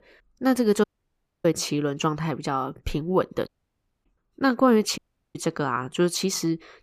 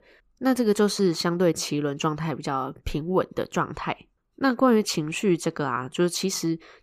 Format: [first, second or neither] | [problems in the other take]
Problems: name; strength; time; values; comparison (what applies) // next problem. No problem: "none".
second | audio cutting out; at 1 s for 0.5 s, at 3.5 s for 0.5 s and at 5 s